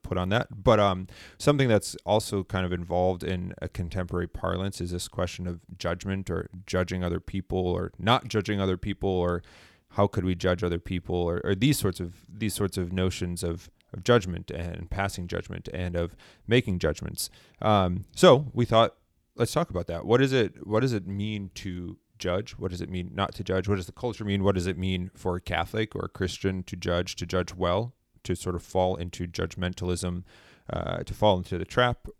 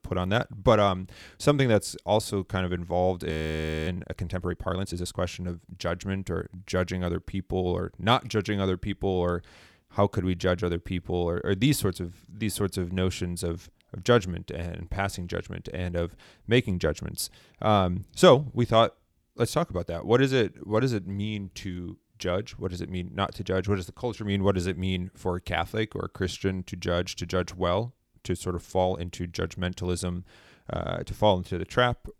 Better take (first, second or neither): first